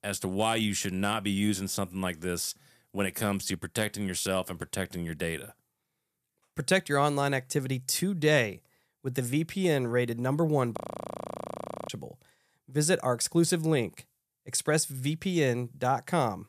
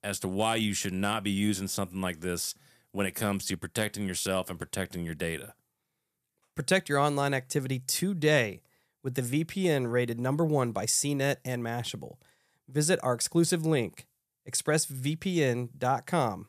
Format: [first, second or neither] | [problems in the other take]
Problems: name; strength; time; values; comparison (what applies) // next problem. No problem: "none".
second | audio freezing; at 11 s for 1 s